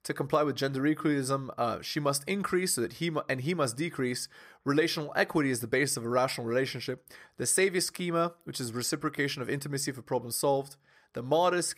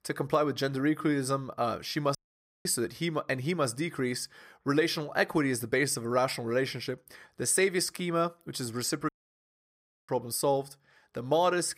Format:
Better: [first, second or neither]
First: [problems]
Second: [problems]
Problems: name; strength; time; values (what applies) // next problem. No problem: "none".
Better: first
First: none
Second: audio cutting out; at 2 s for 0.5 s and at 9 s for 1 s